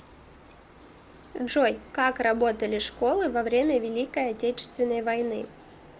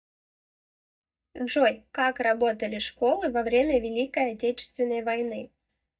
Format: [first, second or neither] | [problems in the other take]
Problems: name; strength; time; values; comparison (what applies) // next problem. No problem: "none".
first | noise reduction (neural mask model DeepFilterNet 3)